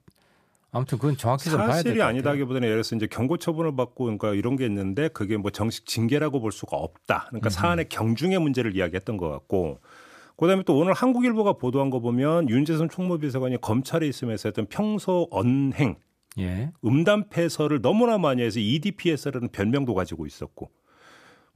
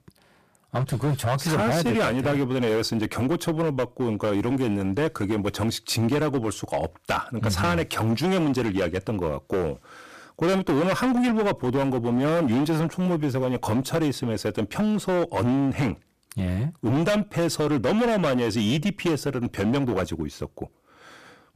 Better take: first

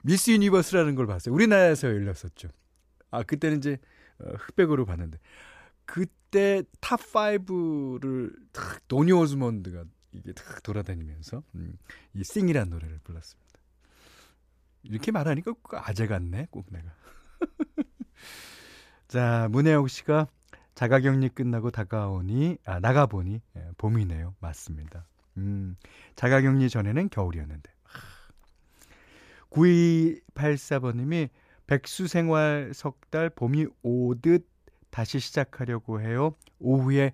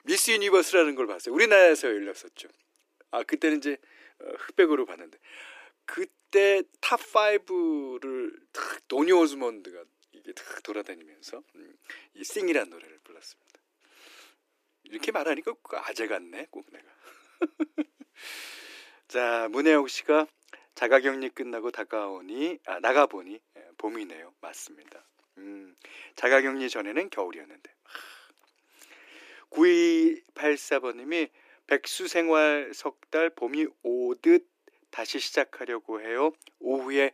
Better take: first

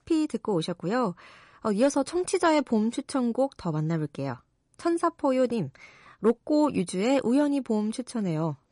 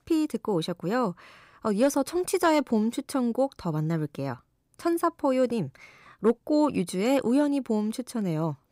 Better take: second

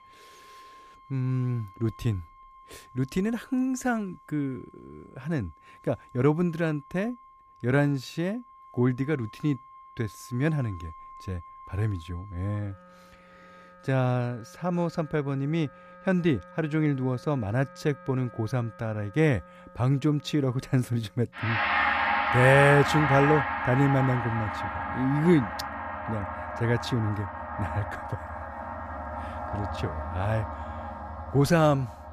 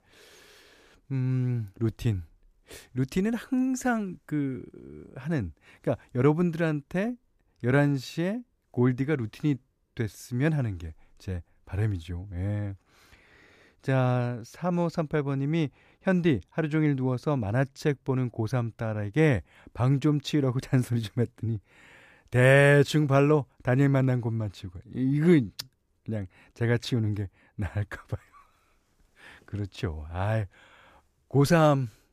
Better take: second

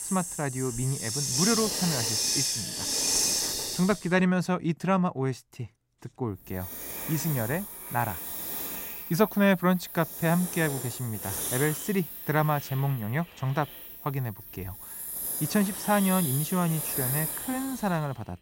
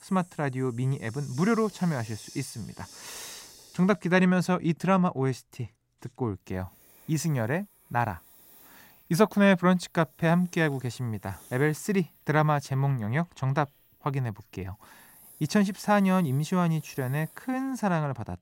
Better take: second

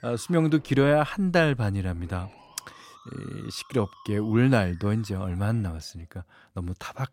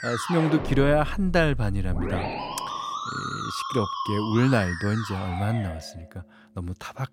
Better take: first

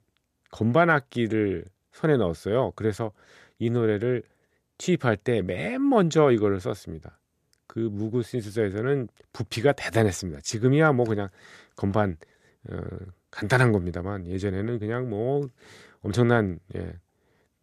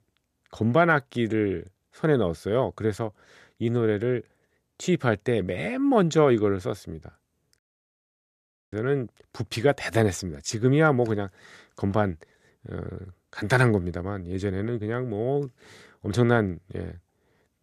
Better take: first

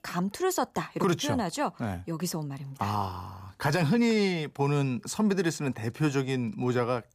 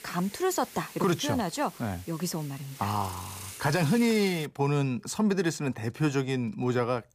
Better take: first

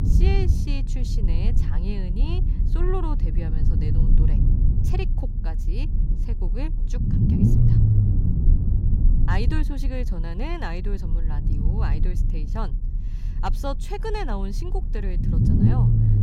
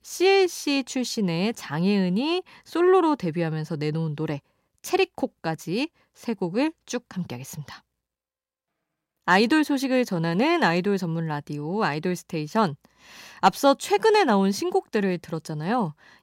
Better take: second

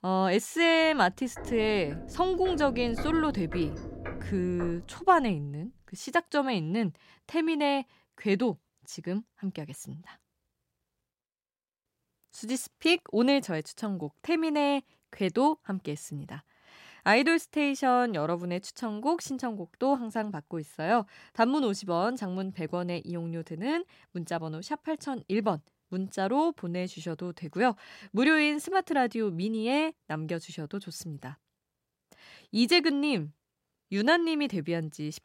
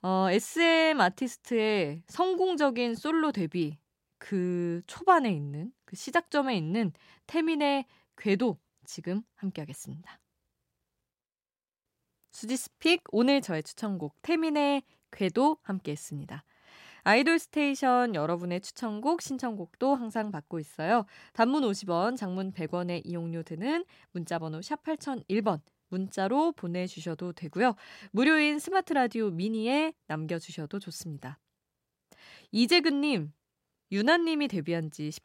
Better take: second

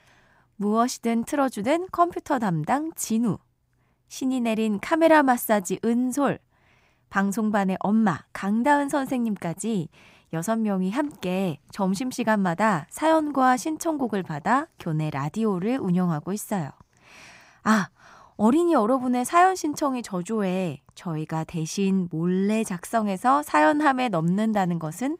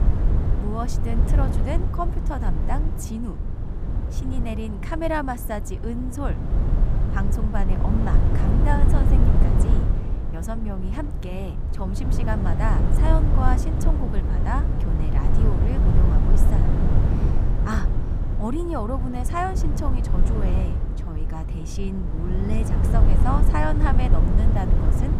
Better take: first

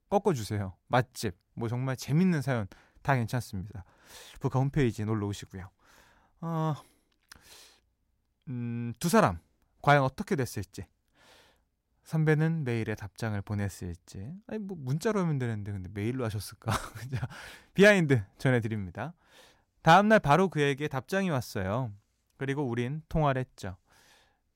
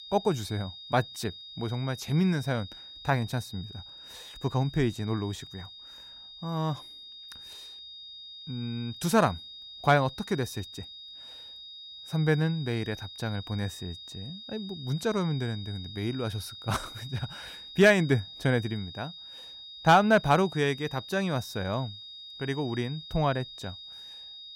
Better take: first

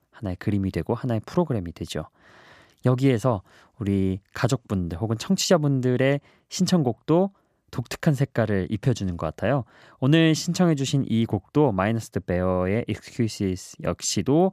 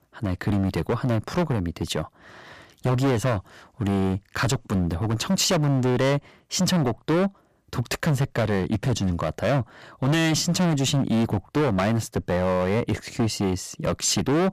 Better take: first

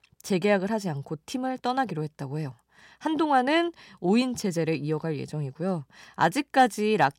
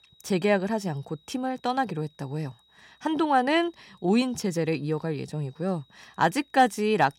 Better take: first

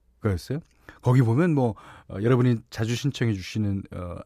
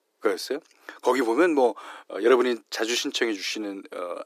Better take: first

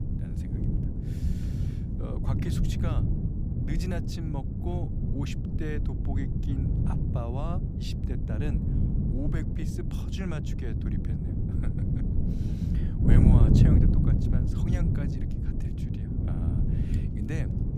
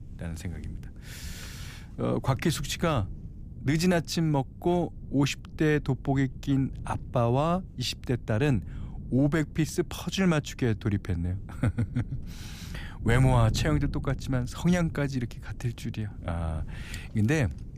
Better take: second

